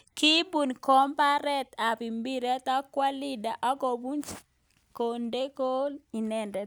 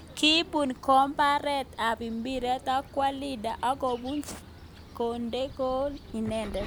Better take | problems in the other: first | background sound (Bird vocalization, bird call, bird song); 16 dB below the speech

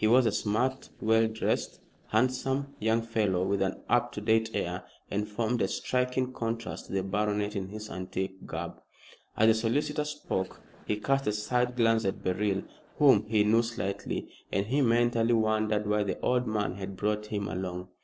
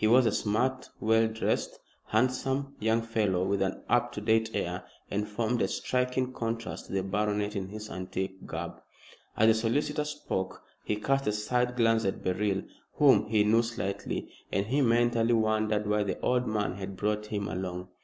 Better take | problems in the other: second | noise reduction (neural separator model SepFormer DNS4)

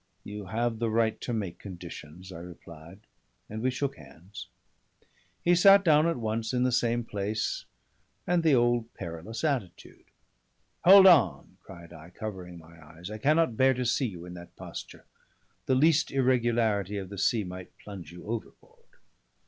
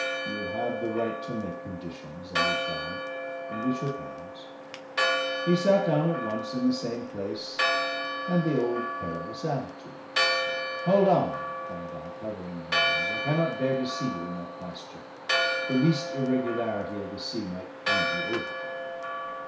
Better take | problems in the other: first | background sound (Church bell); 1 dB below the speech // room echo; dies away in 0.6 s

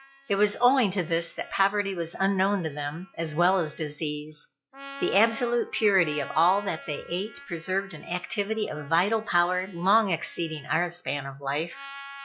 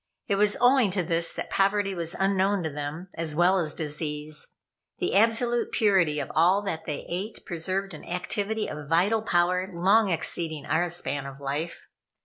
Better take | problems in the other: second | noise reduction (classical method log-MMSE)

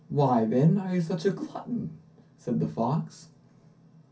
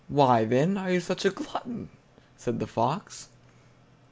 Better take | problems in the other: second | room echo; dies away in 0.3 s

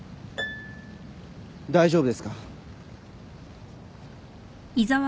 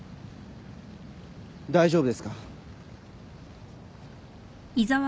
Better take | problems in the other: second | background sound (Harp); 15 dB below the speech

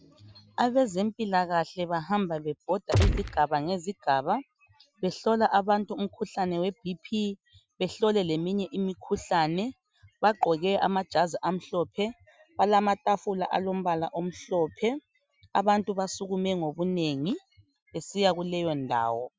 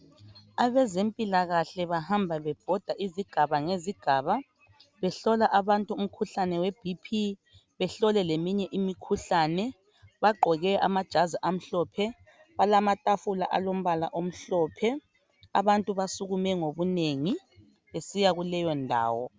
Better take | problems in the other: second | noise reduction (classical method Wiener filter)

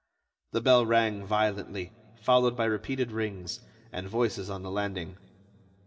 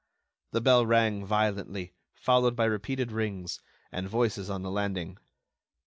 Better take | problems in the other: second | room echo; dies away in 0.6 s

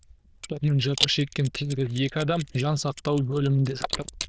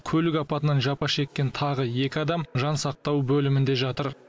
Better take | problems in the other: second | noise reduction (neural diffusion model UNIVERSE++)

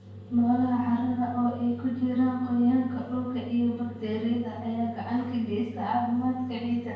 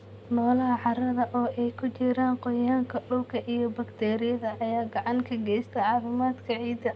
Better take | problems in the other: second | room echo; dies away in 0.6 s

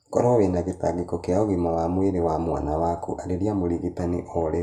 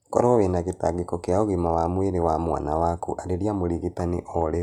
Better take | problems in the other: second | room echo; dies away in 0.5 s

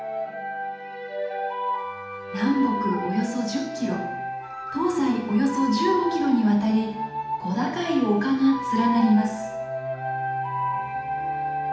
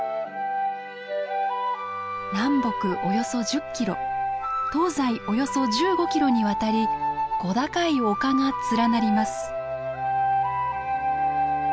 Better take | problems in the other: second | room echo; dies away in 0.8 s

